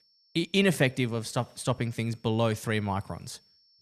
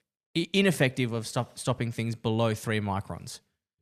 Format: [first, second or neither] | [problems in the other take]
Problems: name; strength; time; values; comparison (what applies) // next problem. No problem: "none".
second | high-pitched whine; faint; throughout; 5.5 kHz, 35 dB below the speech